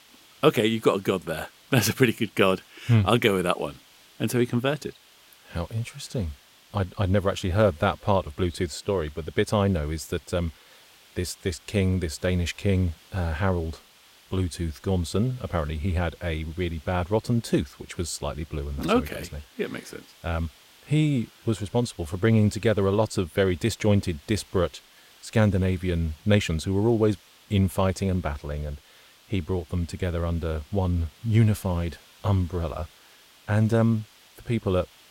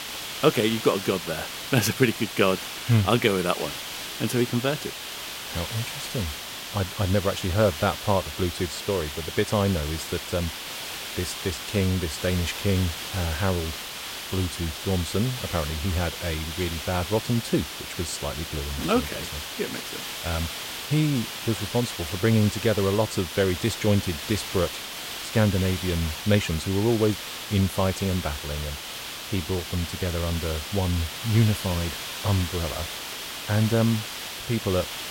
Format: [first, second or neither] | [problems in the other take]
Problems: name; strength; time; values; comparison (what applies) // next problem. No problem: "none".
first | hiss; loud; throughout; 6 dB below the speech; faint in the first